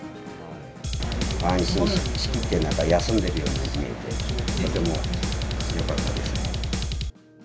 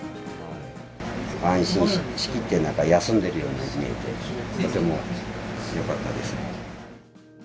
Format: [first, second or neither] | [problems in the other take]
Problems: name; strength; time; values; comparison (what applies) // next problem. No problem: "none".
second | background sound (Drum kit); 1 dB above the speech